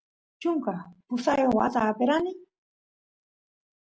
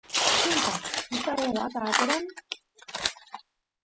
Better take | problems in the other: first | noise reduction (classical method spectral subtraction)

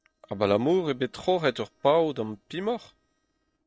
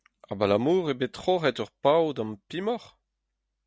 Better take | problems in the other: second | noise reduction (neural separator model SepFormer DNS4)

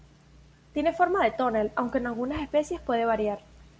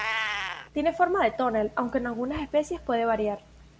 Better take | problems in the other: first | background sound (Meow); 10 dB below the speech

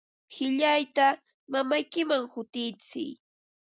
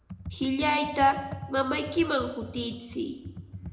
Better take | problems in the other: first | background sound (Computer keyboard); 13 dB below the speech // room echo; dies away in 0.6 s

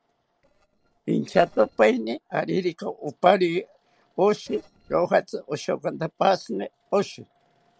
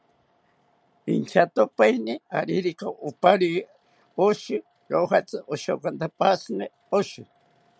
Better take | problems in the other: second | noise reduction (neural separator model SepFormer DNS4)

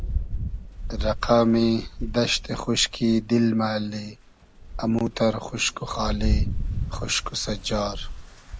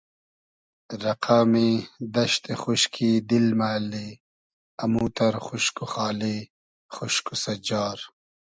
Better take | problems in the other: second | background sound (Rain); 5 dB below the speech

